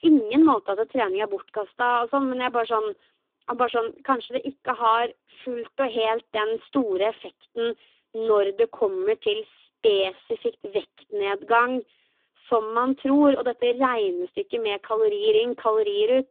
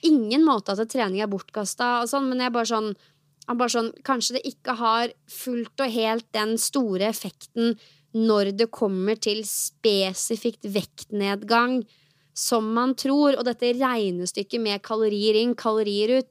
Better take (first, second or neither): second